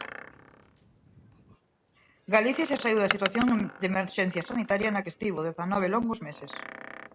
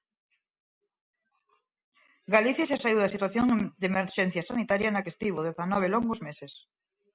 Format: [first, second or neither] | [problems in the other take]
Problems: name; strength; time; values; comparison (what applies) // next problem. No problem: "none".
second | background sound (Door); 12 dB below the speech